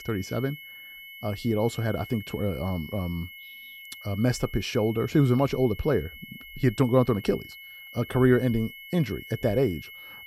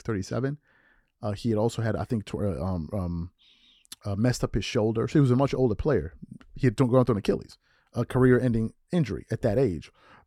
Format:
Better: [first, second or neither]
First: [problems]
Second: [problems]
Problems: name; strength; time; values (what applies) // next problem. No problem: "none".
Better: second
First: high-pitched whine; noticeable; throughout; 2 kHz, 15 dB below the speech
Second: none